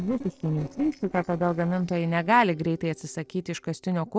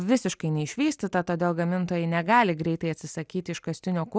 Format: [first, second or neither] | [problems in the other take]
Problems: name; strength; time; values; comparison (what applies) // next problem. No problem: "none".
second | noise reduction (neural separator model SepFormer DNS4)